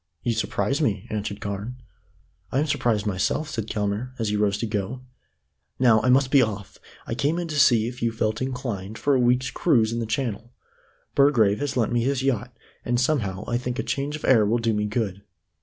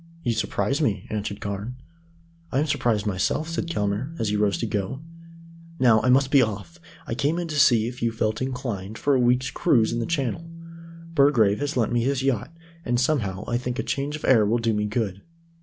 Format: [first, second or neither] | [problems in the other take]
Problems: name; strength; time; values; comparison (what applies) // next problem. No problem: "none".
first | background sound (Bass guitar); 17 dB below the speech